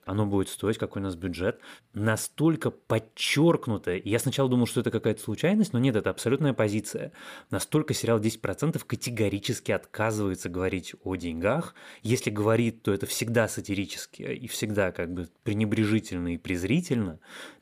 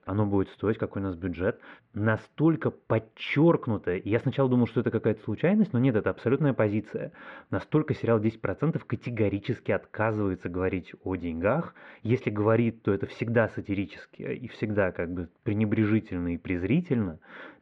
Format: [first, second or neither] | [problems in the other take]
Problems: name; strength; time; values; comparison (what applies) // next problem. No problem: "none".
first | muffled; very; fading above 2.5 kHz